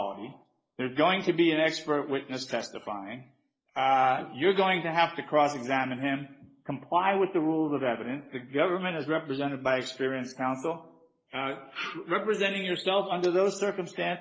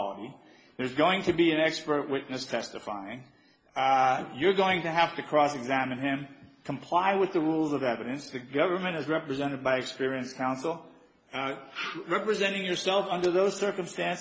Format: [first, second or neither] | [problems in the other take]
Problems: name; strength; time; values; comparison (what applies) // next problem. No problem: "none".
second | noise reduction (neural mask model Resemble Enhance denoiser)